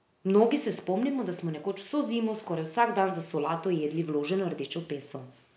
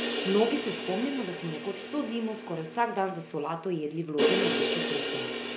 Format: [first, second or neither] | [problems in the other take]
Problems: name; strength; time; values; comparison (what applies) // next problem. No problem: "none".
first | background sound (Crash cymbal); 1 dB below the speech